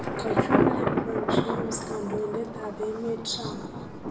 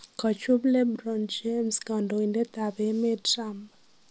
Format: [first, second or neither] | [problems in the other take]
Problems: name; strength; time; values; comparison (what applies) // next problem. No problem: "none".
second | background sound (Thunder); 5 dB above the speech // room echo; dies away in 0.9 s